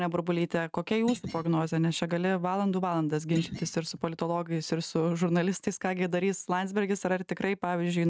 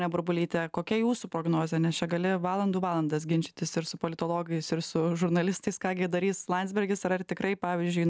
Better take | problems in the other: second | noise reduction (neural mask model RNNoise)

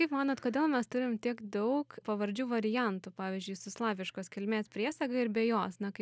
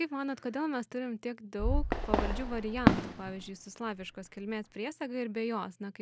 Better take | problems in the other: first | background sound (Fireworks); 4 dB above the speech

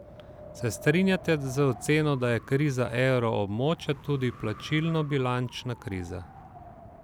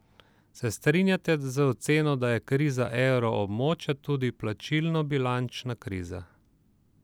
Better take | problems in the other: second | background sound (Wind); 18 dB below the speech

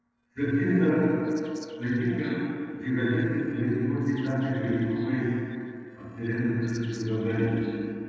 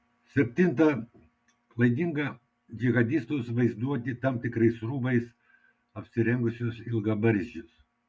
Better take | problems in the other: second | noise reduction (neural separator model SepFormer DNS4)

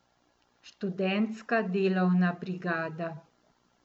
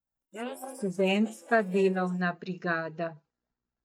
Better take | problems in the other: first | noise reduction (neural mask model DeepFilterNet 3)

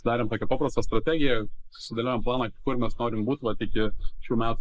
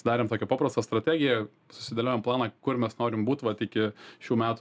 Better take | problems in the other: second | noise reduction (neural mask model Resemble Enhance denoiser)

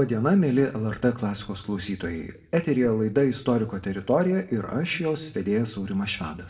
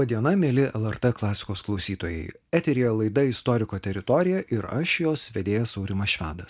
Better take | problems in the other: second | room echo; dies away in 0.6 s

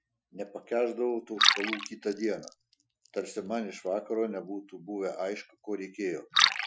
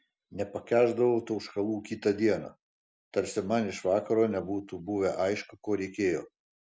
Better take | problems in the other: second | noise reduction (classical method Wiener filter)

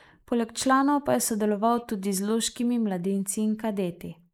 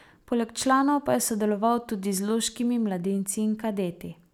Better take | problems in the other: second | noise reduction (neural mask model Resemble Enhance denoiser)

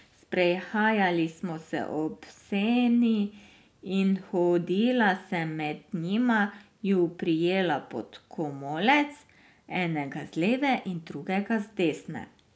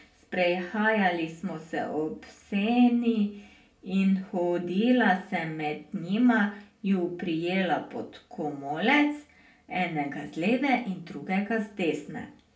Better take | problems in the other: first | room echo; dies away in 0.3 s

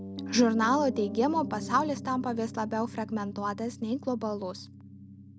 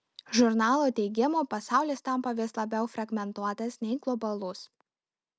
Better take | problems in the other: second | background sound (Piano); 10 dB below the speech

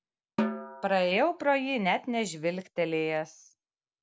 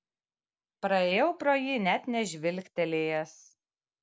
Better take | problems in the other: second | background sound (Snare drum); 8 dB below the speech

